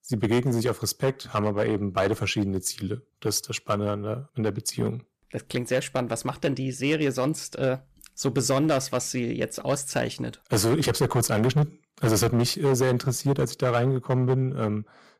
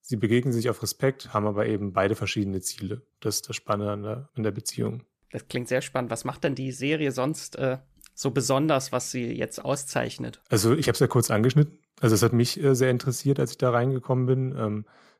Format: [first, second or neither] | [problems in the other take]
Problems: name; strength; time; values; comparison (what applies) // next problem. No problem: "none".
second | distortion; slight; 6% of the sound clipped